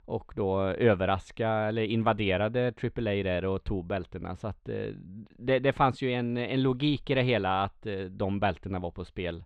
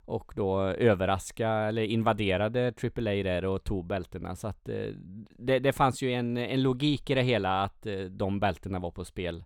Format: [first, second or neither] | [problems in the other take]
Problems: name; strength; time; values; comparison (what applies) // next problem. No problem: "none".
second | muffled; very slightly; fading above 3 kHz